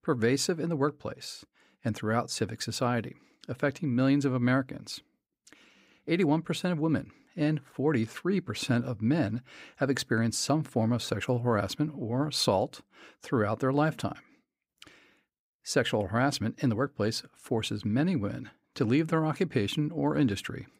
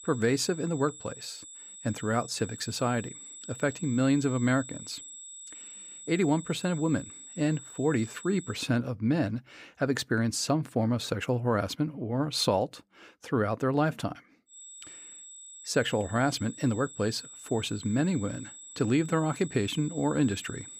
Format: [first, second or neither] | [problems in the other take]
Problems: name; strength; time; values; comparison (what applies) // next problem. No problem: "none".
first | high-pitched whine; noticeable; until 8.5 s and from 15 s on; 8 kHz, 15 dB below the speech